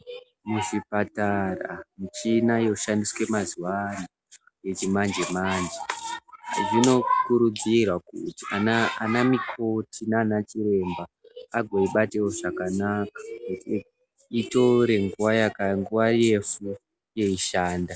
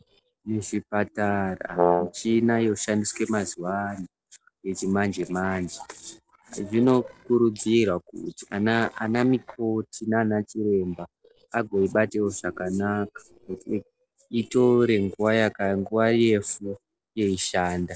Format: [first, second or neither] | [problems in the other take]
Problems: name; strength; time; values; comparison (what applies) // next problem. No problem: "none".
first | noise reduction (neural separator model SepFormer DNS4)